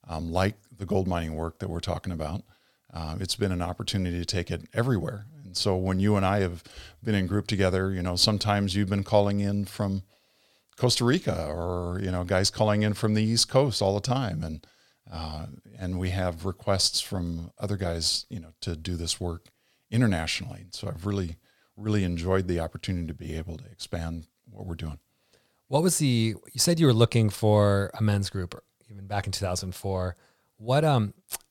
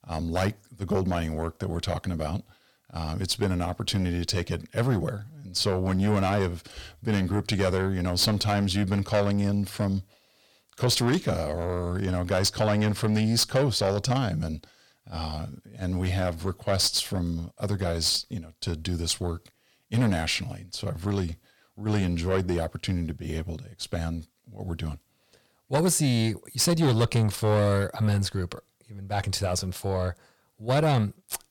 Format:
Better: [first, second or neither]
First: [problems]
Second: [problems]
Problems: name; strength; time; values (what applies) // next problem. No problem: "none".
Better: first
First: none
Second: distortion; slight; 10 dB below the speech